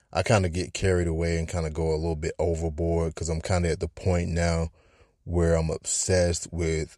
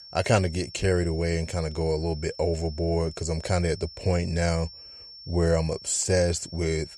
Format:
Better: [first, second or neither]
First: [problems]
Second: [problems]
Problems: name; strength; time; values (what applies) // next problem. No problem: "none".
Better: first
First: none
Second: high-pitched whine; noticeable; throughout; 5.5 kHz, 15 dB below the speech